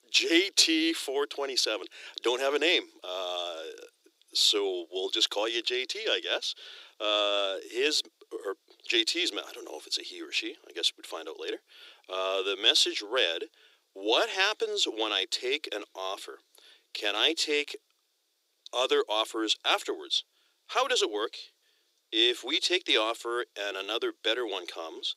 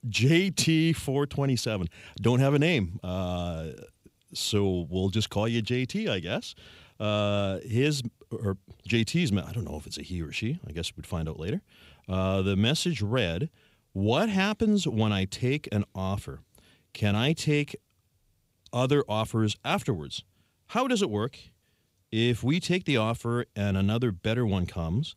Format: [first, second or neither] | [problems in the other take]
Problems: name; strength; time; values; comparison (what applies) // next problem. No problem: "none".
second | thin; very; fading below 300 Hz